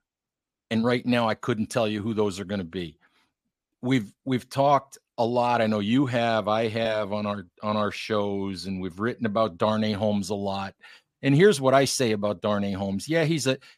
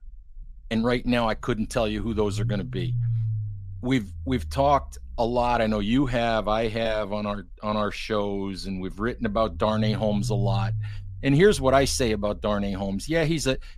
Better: first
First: none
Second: low rumble; noticeable; throughout; 20 dB below the speech

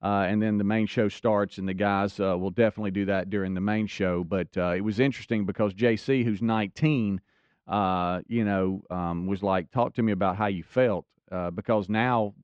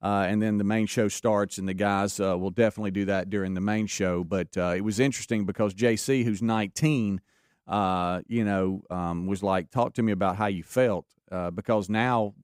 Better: second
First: muffled; slightly; fading above 4 kHz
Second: none

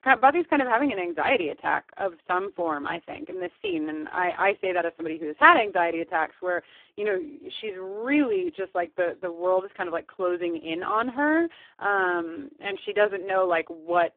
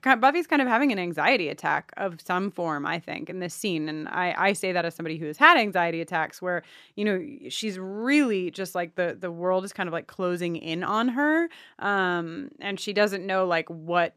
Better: second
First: phone-call audio; poor line; nothing above 3.5 kHz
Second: none

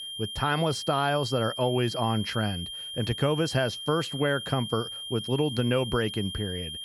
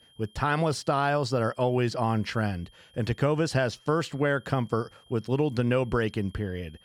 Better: second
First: high-pitched whine; loud; throughout; 3 kHz, 7 dB below the speech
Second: high-pitched whine; faint; throughout; 3 kHz, 30 dB below the speech

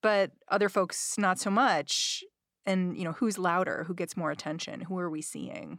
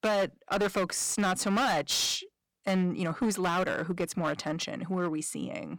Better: first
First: none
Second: distortion; heavy; 14% of the sound clipped

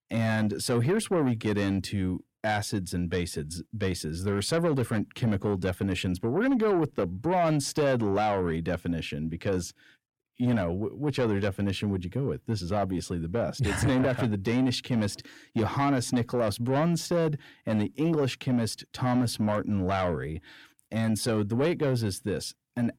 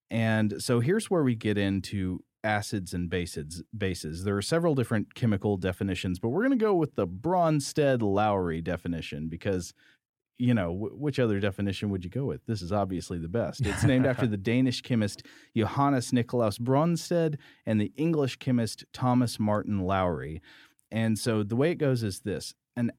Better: second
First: distortion; slight; 10 dB below the speech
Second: none

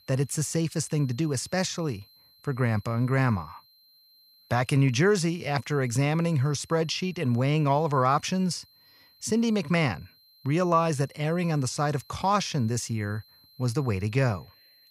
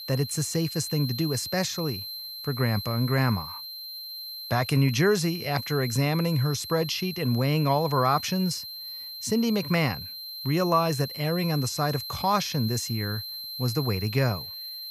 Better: first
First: high-pitched whine; faint; throughout; 4 kHz, 30 dB below the speech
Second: high-pitched whine; loud; throughout; 4 kHz, 8 dB below the speech

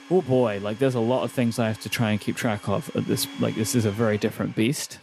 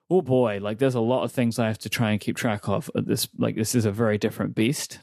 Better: second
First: household noises; noticeable; throughout; 20 dB below the speech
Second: none

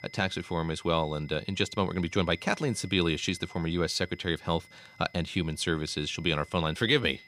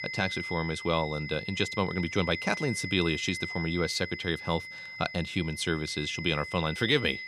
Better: first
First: high-pitched whine; faint; throughout; 2 kHz, 20 dB below the speech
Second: high-pitched whine; loud; throughout; 2 kHz, 7 dB below the speech

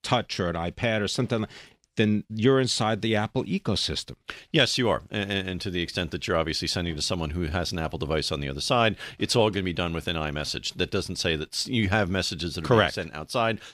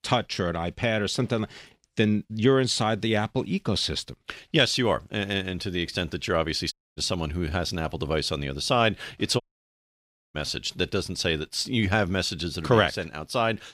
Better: first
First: none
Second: audio cutting out; at 6.5 s and at 9.5 s for 1 s

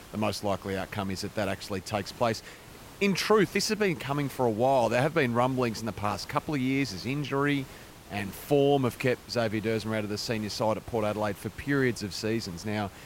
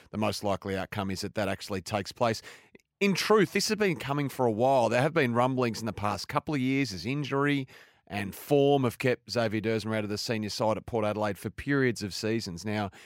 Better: second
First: hiss; noticeable; throughout; 20 dB below the speech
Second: none

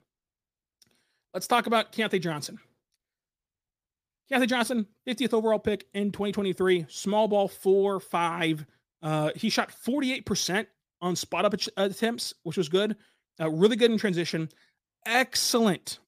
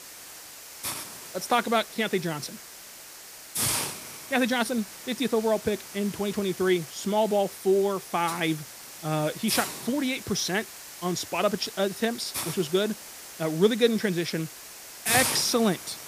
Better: first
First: none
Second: hiss; loud; throughout; 8 dB below the speech

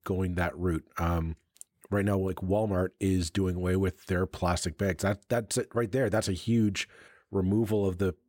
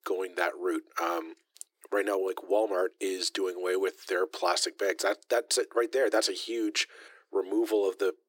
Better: first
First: none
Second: thin; very; fading below 300 Hz

